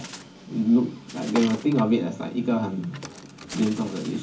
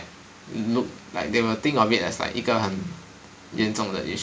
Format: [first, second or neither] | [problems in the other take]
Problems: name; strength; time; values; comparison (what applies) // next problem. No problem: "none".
second | background sound (Bird); 16 dB below the speech // room echo; dies away in 0.3 s